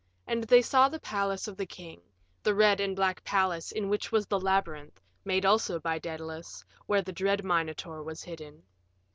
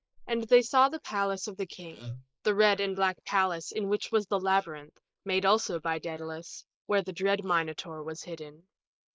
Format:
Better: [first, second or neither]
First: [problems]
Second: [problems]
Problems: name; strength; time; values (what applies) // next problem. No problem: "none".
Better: first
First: none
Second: noise reduction (neural mask model Resemble Enhance denoiser)